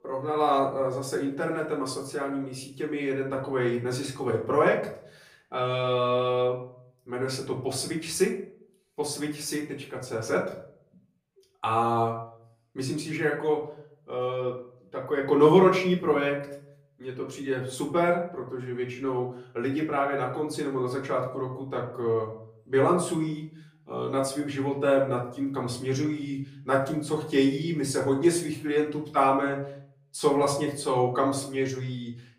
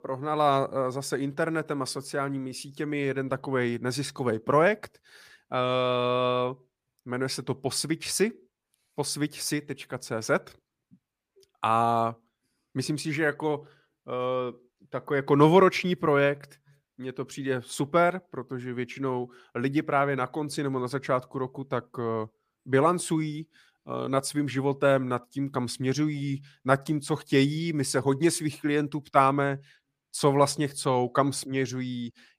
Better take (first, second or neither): second